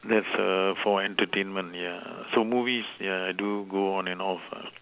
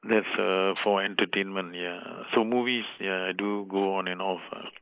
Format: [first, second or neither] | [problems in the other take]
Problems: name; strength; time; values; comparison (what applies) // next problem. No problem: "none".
first | noise reduction (neural mask model Resemble Enhance denoiser)